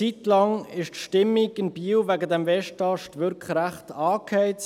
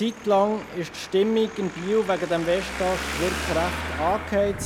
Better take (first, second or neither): first